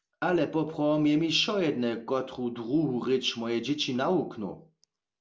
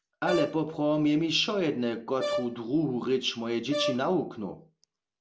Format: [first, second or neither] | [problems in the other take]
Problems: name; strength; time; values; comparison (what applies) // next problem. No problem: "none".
first | background sound (Brass instrument); 8 dB below the speech